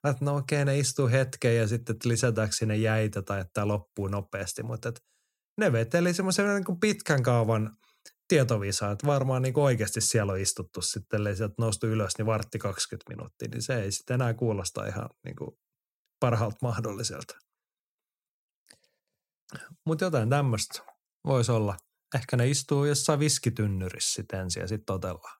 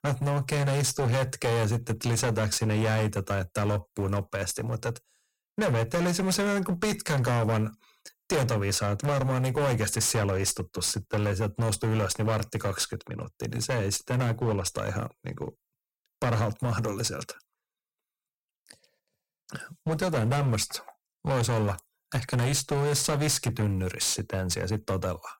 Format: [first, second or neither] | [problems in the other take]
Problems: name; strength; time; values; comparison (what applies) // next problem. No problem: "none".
first | distortion; heavy; 17% of the sound clipped